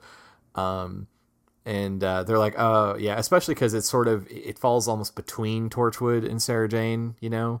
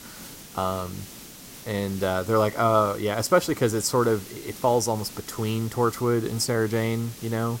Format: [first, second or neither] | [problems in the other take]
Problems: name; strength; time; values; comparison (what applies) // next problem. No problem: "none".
first | hiss; noticeable; throughout; 15 dB below the speech